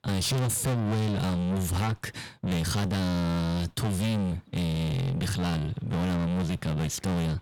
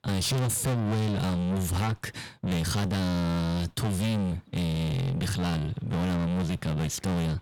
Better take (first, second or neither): neither